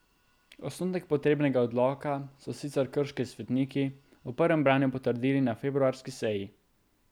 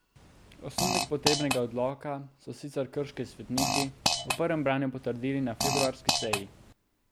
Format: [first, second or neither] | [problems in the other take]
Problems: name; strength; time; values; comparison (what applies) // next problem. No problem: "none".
first | background sound (Fart); as loud as the speech